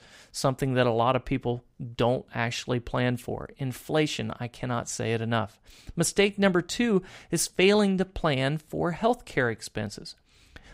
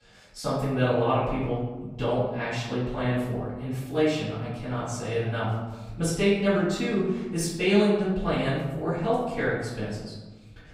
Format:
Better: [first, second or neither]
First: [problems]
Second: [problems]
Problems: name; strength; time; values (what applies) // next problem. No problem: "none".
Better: first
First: none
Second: room echo; noticeable; dies away in 1.2 s // off-mic speech; far